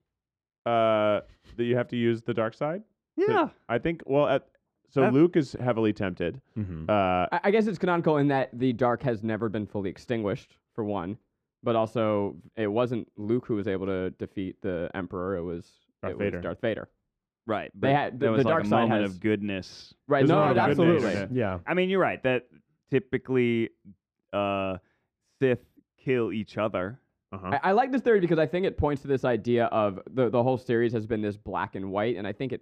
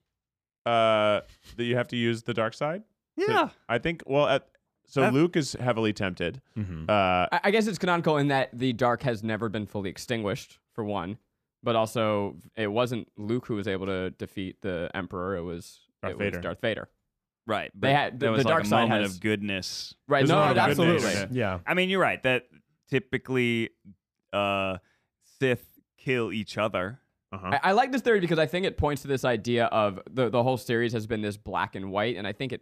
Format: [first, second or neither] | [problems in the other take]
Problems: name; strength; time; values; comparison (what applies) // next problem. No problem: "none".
second | muffled; slightly; fading above 1.5 kHz